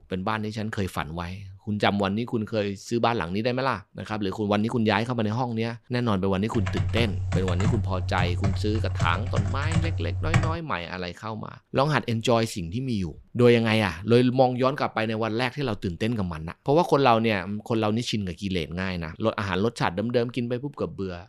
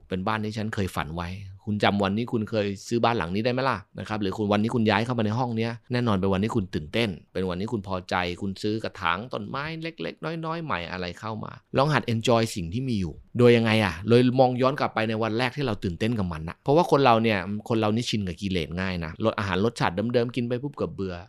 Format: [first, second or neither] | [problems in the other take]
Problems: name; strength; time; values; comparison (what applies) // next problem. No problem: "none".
second | keyboard typing; loud; from 6.5 to 11 s; peak 1 dB above the speech